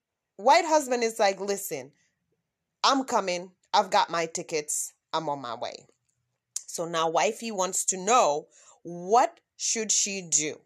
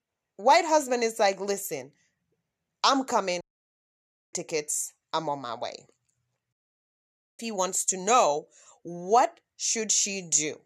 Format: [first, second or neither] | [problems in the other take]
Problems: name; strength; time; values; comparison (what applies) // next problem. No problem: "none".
first | audio cutting out; at 3.5 s for 1 s and at 6.5 s for 1 s